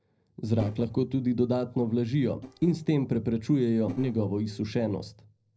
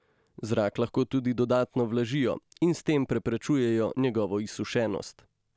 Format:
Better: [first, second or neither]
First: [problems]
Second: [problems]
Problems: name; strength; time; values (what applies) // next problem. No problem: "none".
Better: second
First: noise reduction (neural separator model SepFormer DNS4)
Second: none